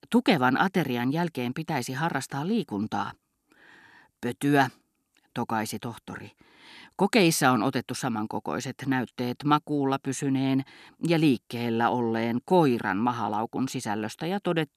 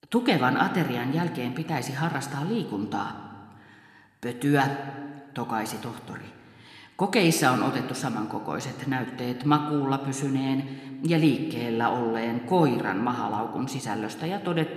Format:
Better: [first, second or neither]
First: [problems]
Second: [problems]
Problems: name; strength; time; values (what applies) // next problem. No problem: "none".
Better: first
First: none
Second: room echo; slight; dies away in 1.2 s